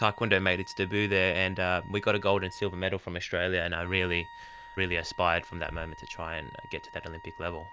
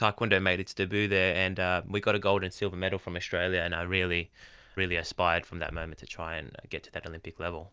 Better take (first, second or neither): second